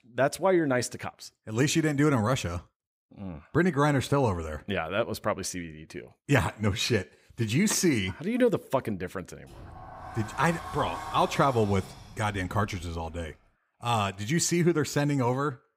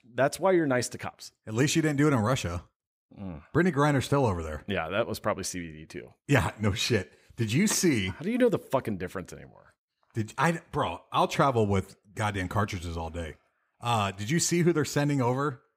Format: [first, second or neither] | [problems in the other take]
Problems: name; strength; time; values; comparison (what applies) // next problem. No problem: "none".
second | door banging; noticeable; from 9.5 to 13 s; peak 10 dB below the speech